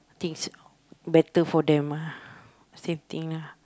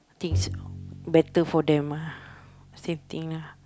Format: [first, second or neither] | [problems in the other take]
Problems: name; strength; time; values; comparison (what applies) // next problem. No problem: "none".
first | background sound (Bowed string instrument); 8 dB below the speech